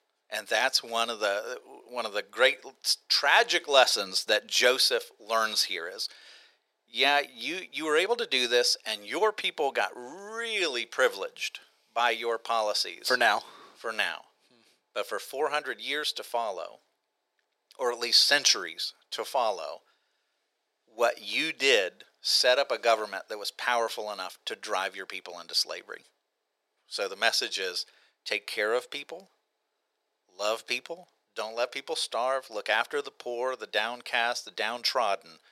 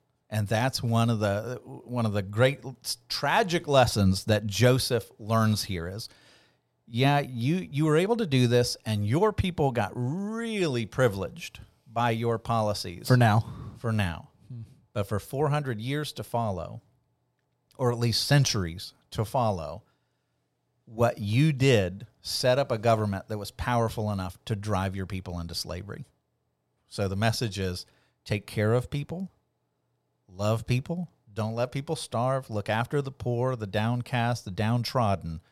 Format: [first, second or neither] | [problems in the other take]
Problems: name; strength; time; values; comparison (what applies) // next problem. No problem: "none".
second | thin; very; fading below 400 Hz